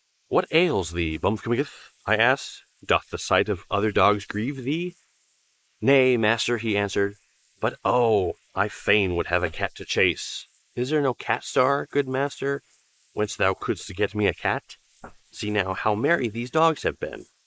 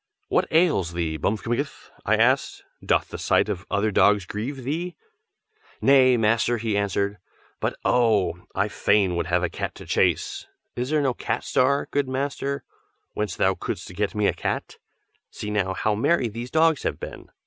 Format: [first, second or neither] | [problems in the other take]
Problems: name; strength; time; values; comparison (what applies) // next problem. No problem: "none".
second | noise reduction (neural mask model Resemble Enhance denoiser)